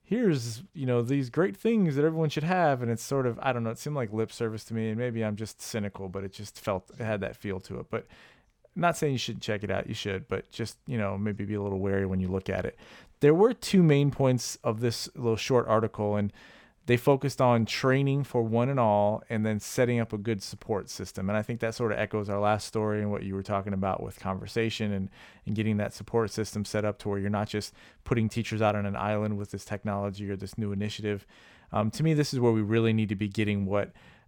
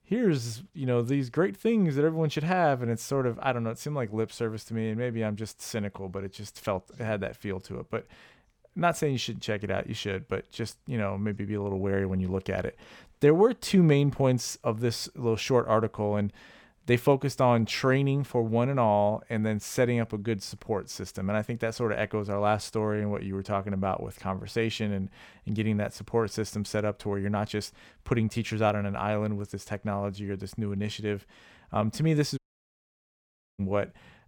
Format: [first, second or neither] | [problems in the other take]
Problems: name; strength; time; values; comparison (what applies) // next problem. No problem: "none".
first | audio cutting out; at 32 s for 1 s